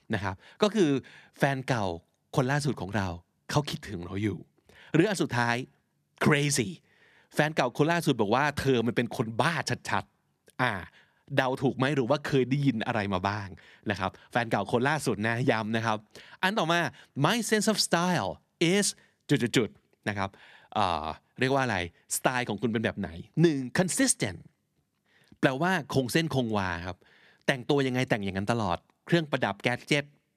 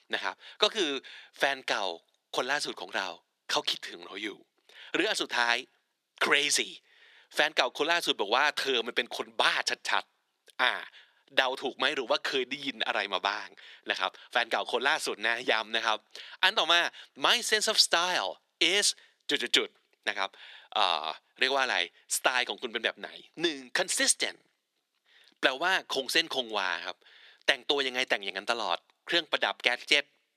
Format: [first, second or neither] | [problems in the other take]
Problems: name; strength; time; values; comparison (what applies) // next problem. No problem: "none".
first | thin; very; fading below 400 Hz